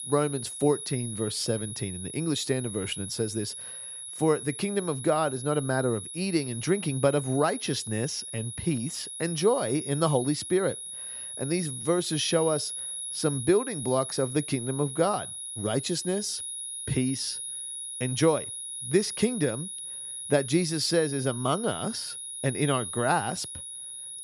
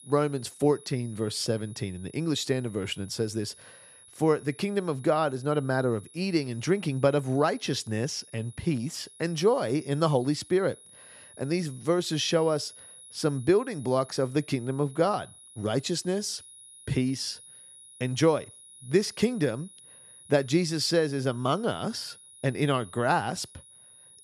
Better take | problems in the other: second | high-pitched whine; loud; throughout; 10.5 kHz, 7 dB below the speech; faint in the second

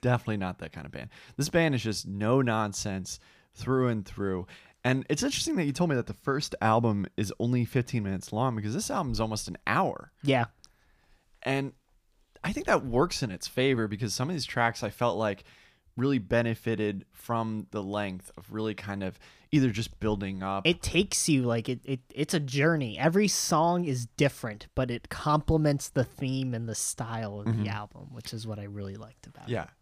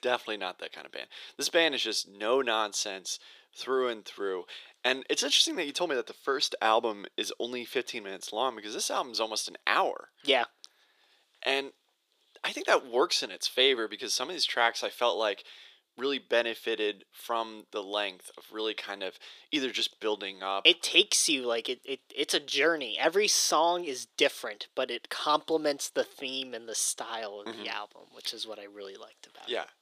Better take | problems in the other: first | thin; very; fading below 400 Hz

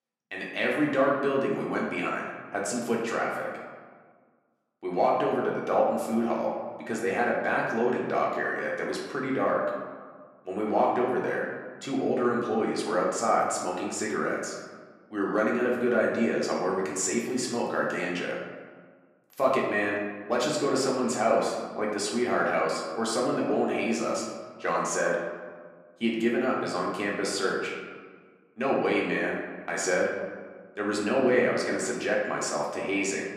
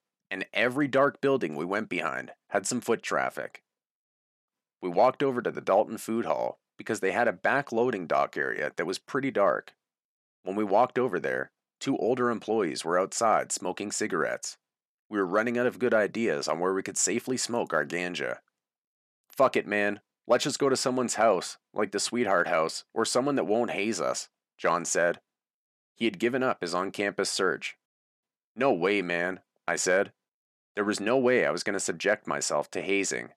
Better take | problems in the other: second | room echo; noticeable; dies away in 1.3 s // off-mic speech; far

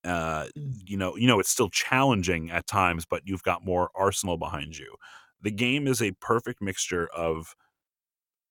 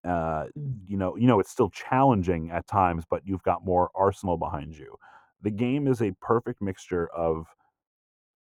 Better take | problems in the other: first | muffled; very; fading above 2 kHz

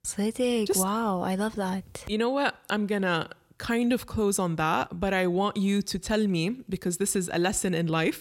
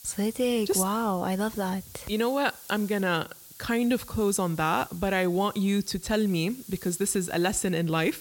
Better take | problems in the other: first | hiss; noticeable; throughout; 20 dB below the speech

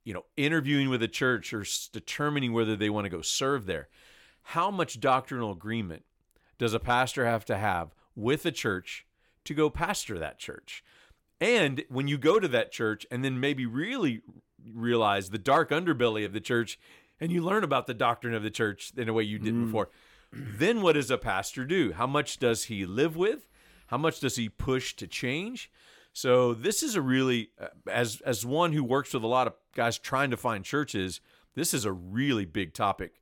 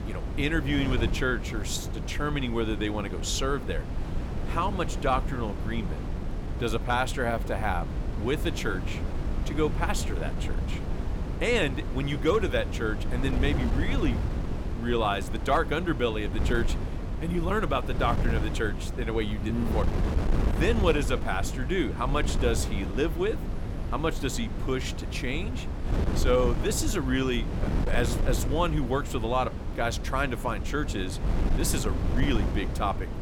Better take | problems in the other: first | wind noise on the microphone; heavy; 10 dB below the speech

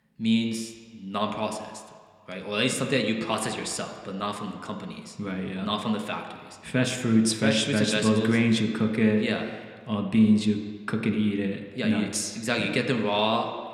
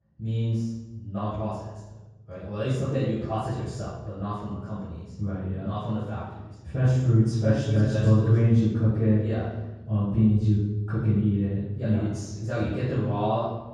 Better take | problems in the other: first | room echo; strong; dies away in 1.3 s; slight in the first // off-mic speech; far

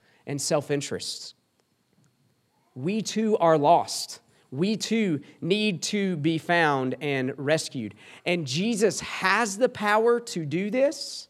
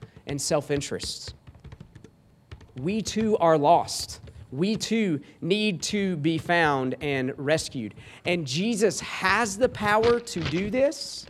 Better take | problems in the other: first | household noises; noticeable; throughout; 20 dB below the speech

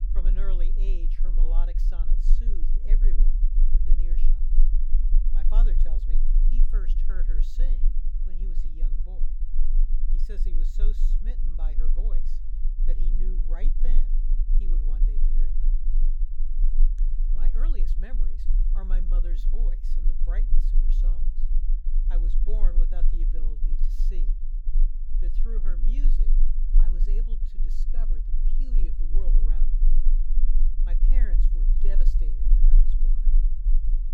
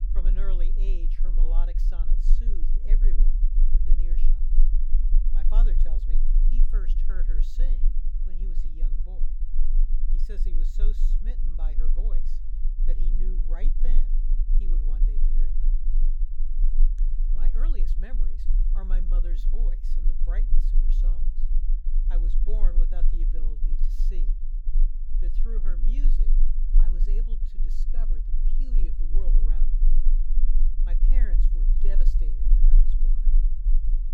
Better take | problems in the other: neither | low rumble; loud; throughout; 5 dB below the speech; the same in both

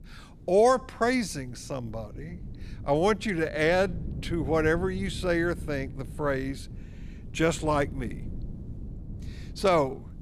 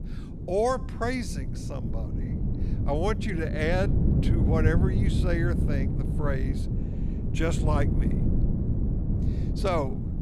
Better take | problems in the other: first | wind noise on the microphone; heavy; 7 dB below the speech; occasional gusts in the first

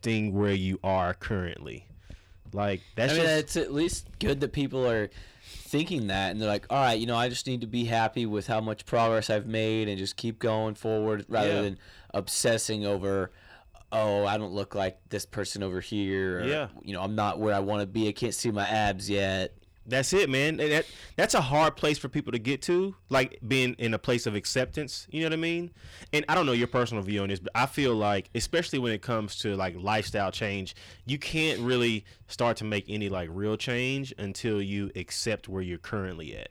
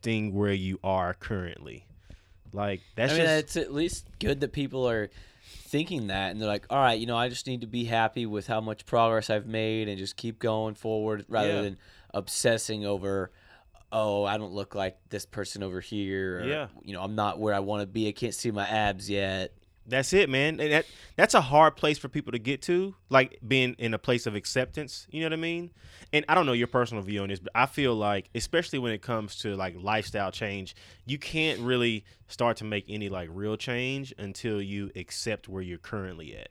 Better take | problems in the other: second | distortion; slight; 10 dB below the speech

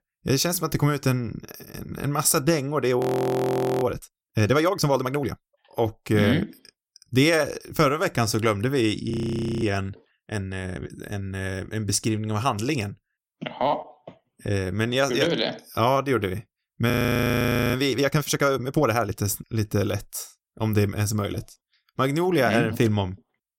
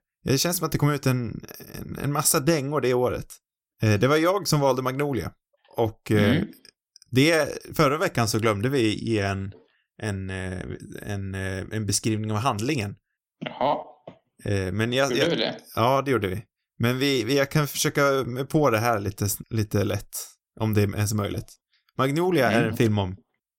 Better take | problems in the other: second | audio freezing; at 3 s for 1 s, at 9 s for 0.5 s and at 17 s for 1 s

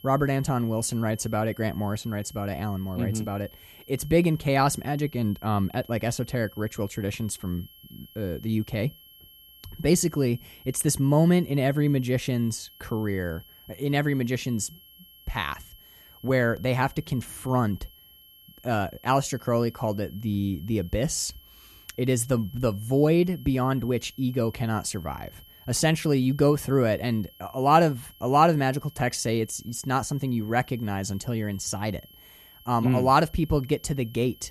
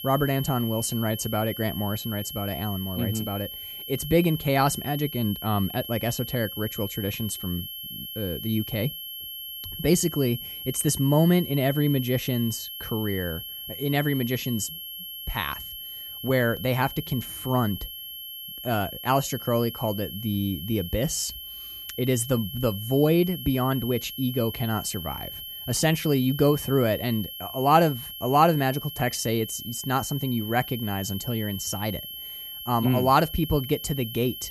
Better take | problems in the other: first | high-pitched whine; loud; throughout; 3 kHz, 9 dB below the speech; faint in the first

